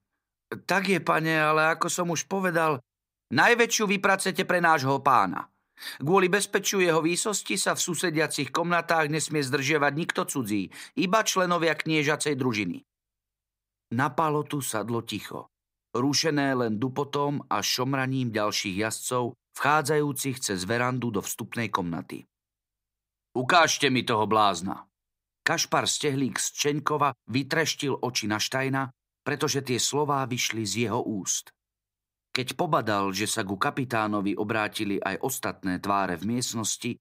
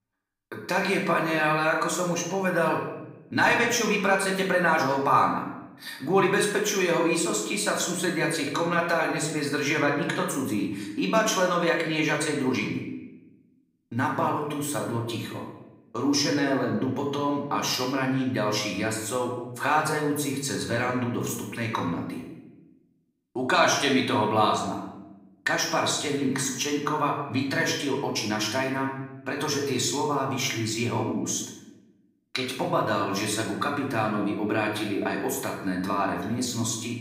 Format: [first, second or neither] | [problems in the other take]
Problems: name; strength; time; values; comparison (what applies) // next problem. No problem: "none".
first | room echo; noticeable; dies away in 0.8 s // off-mic speech; far